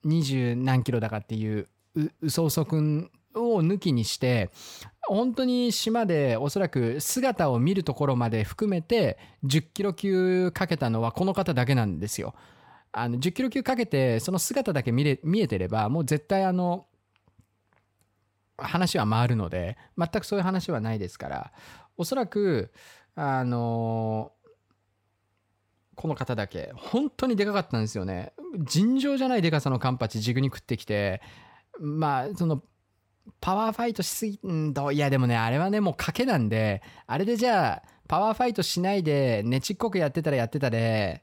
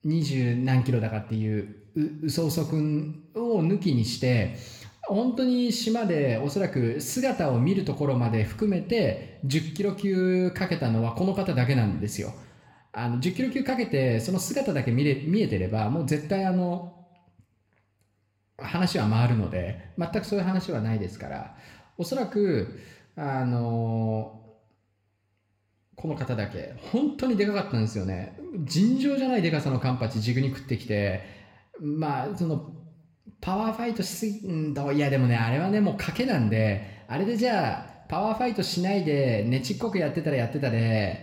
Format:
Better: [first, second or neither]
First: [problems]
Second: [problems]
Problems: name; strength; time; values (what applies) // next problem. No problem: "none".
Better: first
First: none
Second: room echo; very slight; dies away in 0.7 s